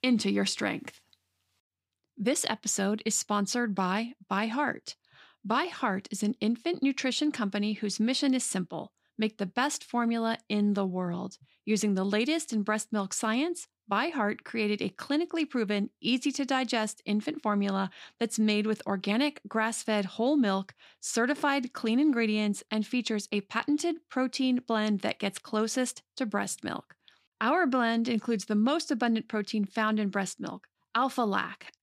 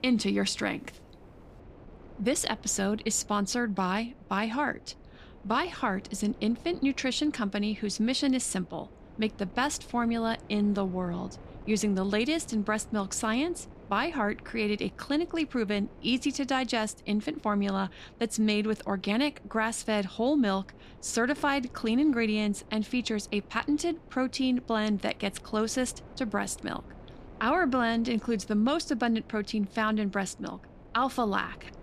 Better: first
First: none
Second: wind noise on the microphone; occasional gusts; 25 dB below the speech

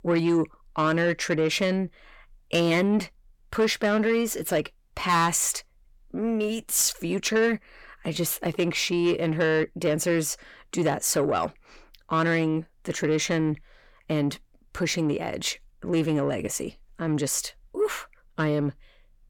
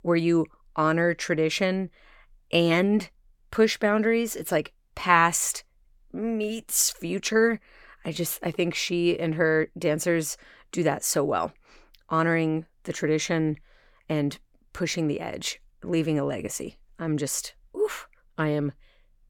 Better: second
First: distortion; slight; 10 dB below the speech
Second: none

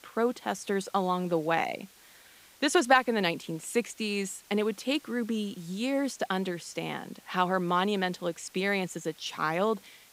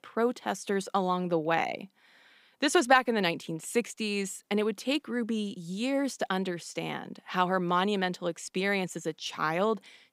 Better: second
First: hiss; faint; throughout; 25 dB below the speech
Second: none

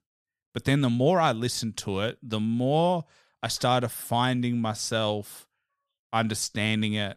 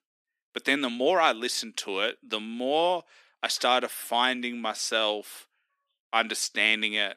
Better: first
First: none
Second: thin; somewhat; fading below 250 Hz

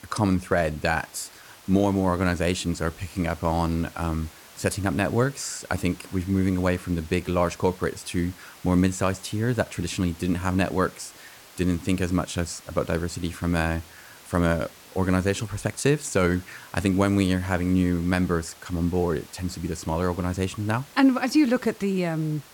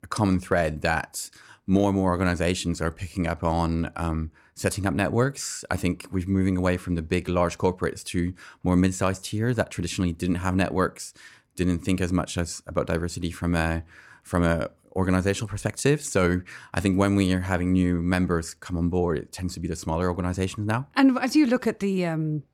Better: second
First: hiss; faint; throughout; 20 dB below the speech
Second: none

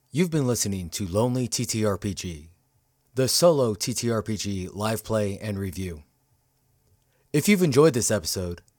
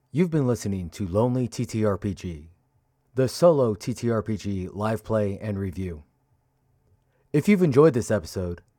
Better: first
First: none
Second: muffled; slightly; fading above 2.5 kHz

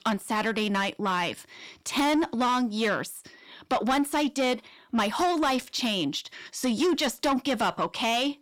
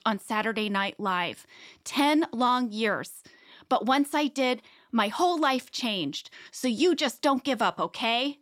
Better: second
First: distortion; slight; 10 dB below the speech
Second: none

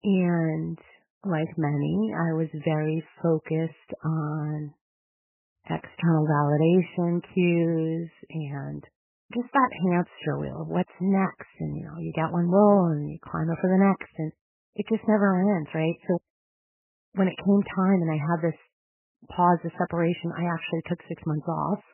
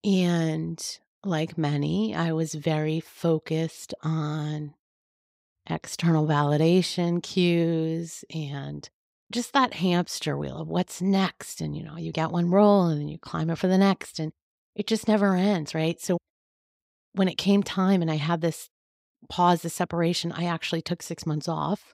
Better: second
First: garbled, watery; badly; nothing above 3 kHz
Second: none

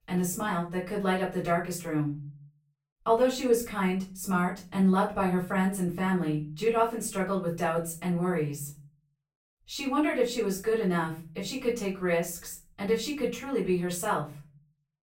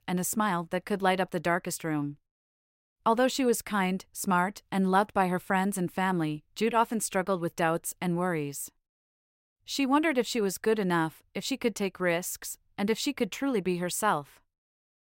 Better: second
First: off-mic speech; far // room echo; slight; dies away in 0.4 s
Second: none

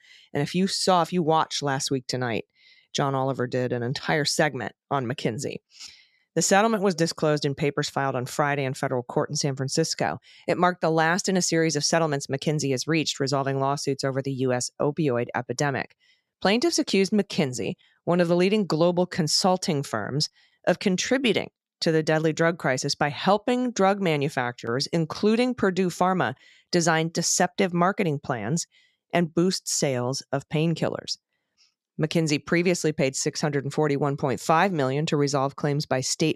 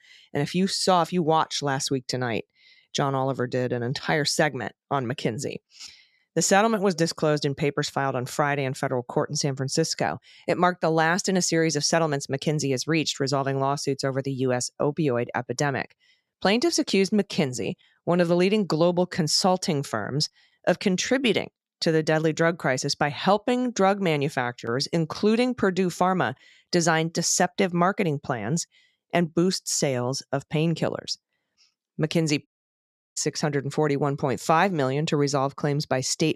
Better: first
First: none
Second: audio cutting out; at 32 s for 0.5 s

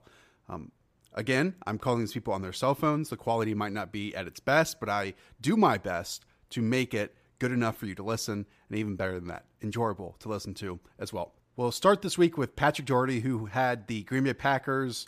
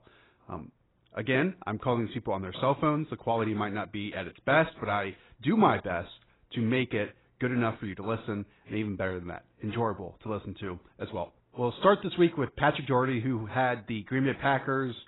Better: first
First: none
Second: garbled, watery; badly; nothing above 4 kHz

